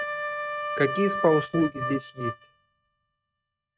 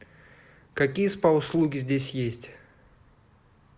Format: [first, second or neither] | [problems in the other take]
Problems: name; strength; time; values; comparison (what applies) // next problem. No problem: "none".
second | noise reduction (neural mask model RNNoise)